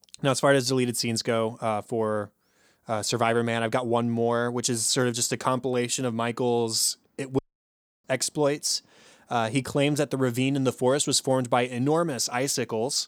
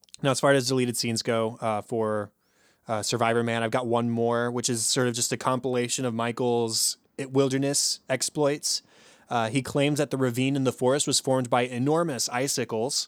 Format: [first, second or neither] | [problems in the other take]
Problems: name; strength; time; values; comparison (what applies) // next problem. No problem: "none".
second | audio cutting out; at 7.5 s for 0.5 s